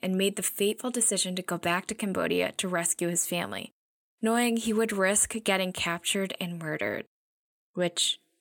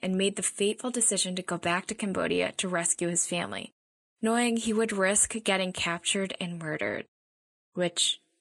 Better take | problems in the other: first | garbled, watery; slightly; nothing above 10 kHz

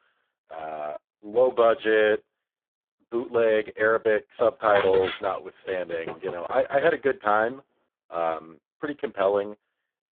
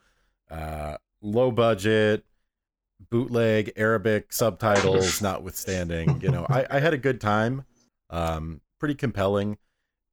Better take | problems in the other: second | phone-call audio; poor line

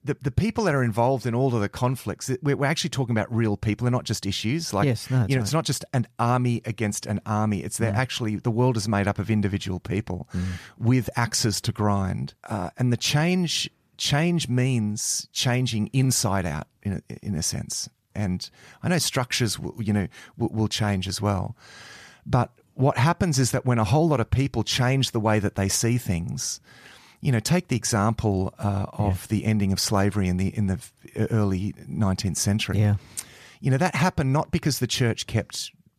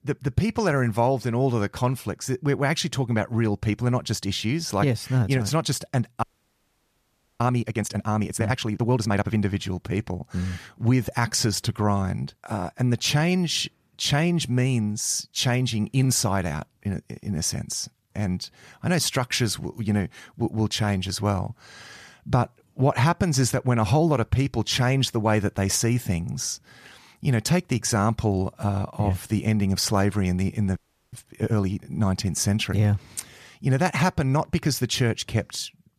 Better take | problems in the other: first | audio freezing; at 6 s for 1 s and at 31 s

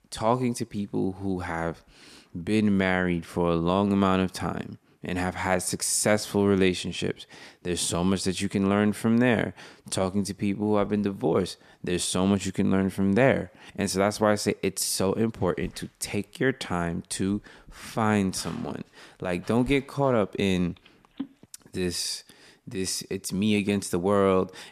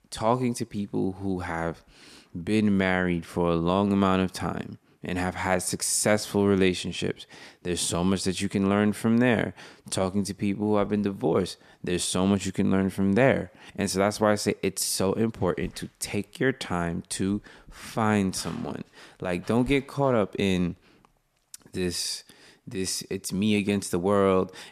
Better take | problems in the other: second | phone ringing; faint; at 21 s; peak 15 dB below the speech

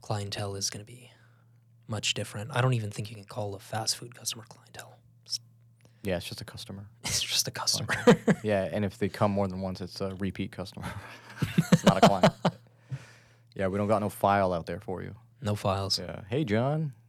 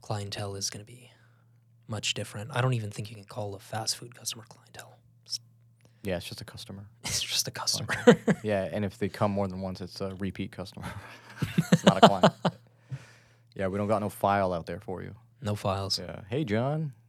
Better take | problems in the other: second | distortion; slight; 0.2% of the sound clipped

